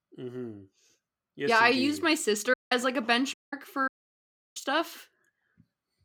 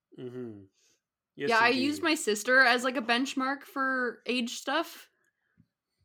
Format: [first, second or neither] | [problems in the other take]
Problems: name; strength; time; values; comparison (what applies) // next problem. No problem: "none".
second | audio cutting out; at 2.5 s, at 3.5 s and at 4 s for 0.5 s